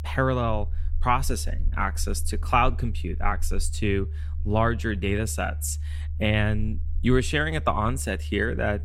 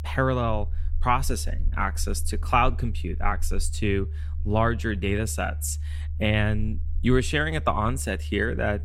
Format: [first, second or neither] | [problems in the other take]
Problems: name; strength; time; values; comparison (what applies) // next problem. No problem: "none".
neither | low rumble; faint; throughout; 25 dB below the speech; the same in both